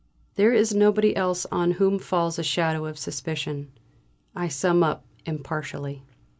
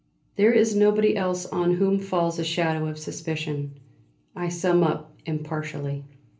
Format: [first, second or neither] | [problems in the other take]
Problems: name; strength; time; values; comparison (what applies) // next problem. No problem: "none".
first | room echo; dies away in 0.3 s